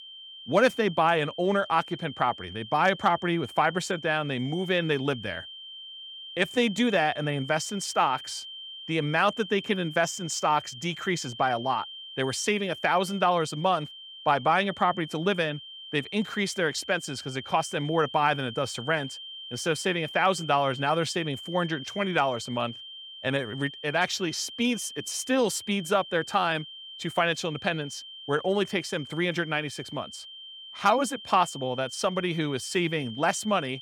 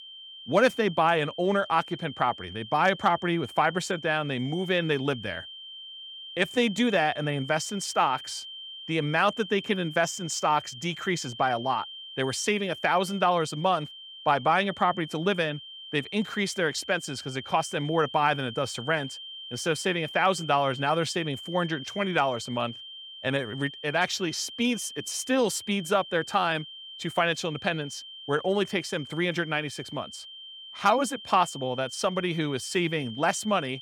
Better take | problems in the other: neither | high-pitched whine; noticeable; throughout; 3 kHz, 15 dB below the speech; the same in both

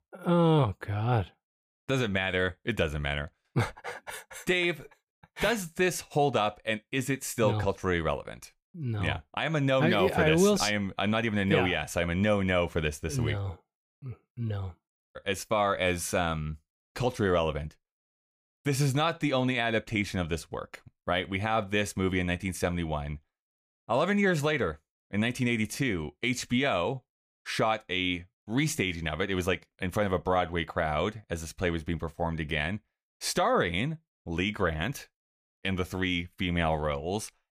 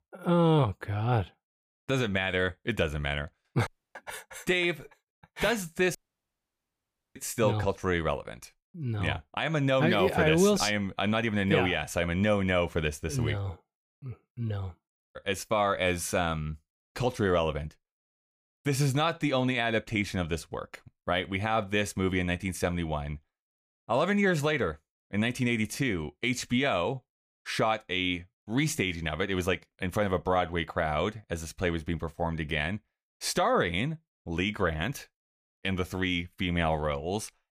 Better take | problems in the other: first | audio cutting out; at 3.5 s and at 6 s for 1 s

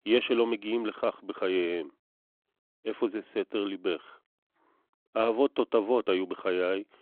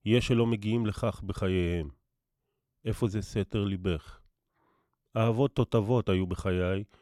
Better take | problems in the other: second | phone-call audio

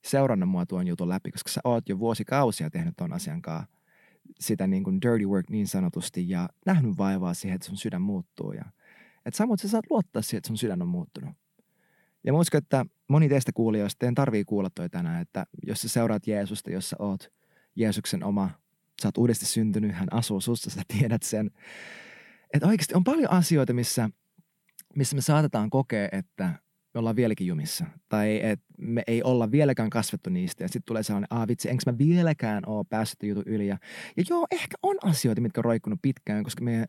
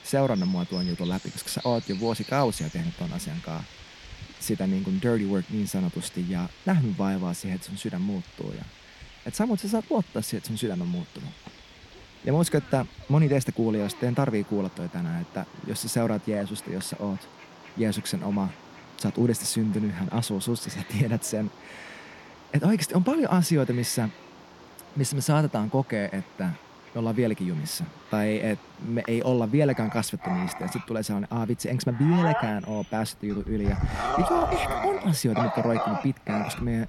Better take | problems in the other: first | animal sounds; noticeable; throughout; 10 dB below the speech

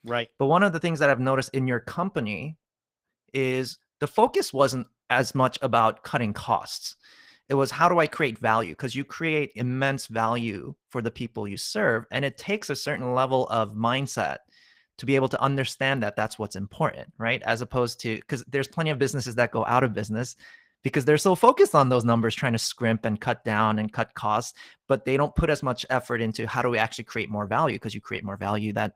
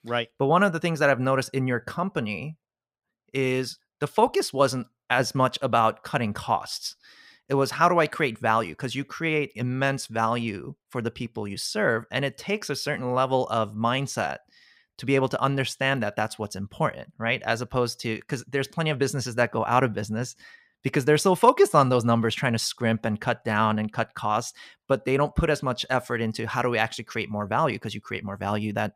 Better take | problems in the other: second | garbled, watery; slightly; nothing above 15.5 kHz

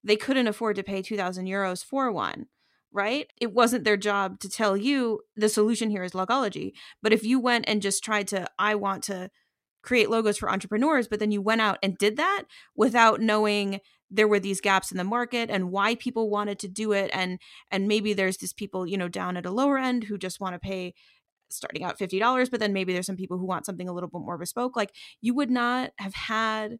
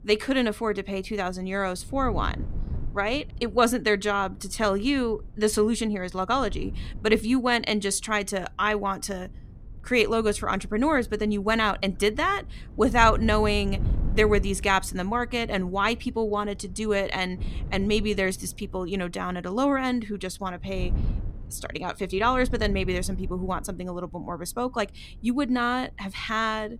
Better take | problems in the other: first | wind noise on the microphone; occasional gusts; 25 dB below the speech

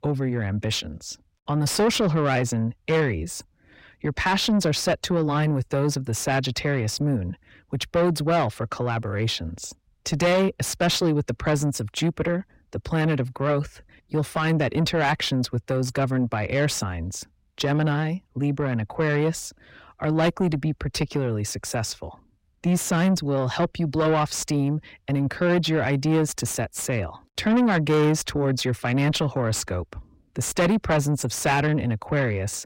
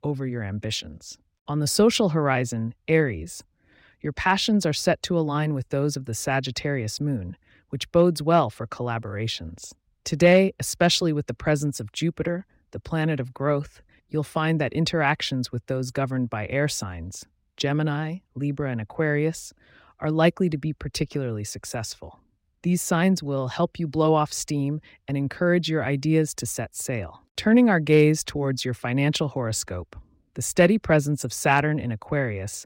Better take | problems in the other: second | distortion; heavy; 8 dB below the speech

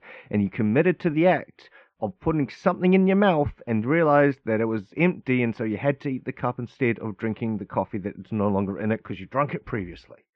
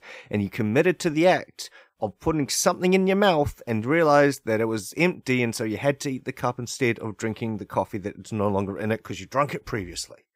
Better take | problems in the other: second | muffled; very; fading above 3 kHz

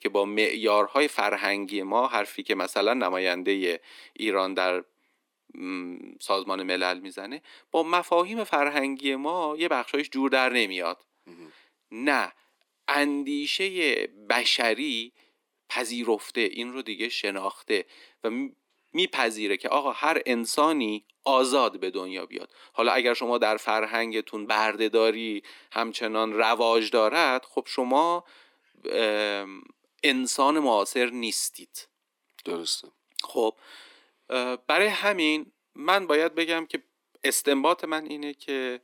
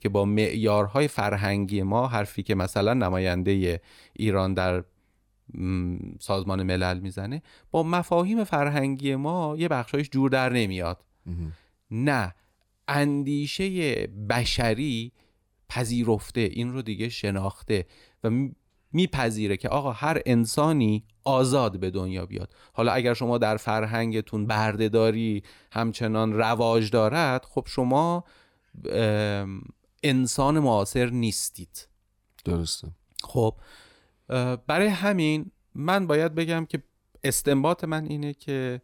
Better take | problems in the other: second | thin; somewhat; fading below 250 Hz

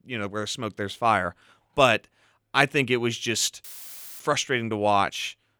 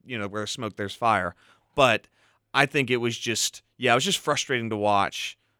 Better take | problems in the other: second | audio cutting out; filled with static; at 3.5 s for 0.5 s

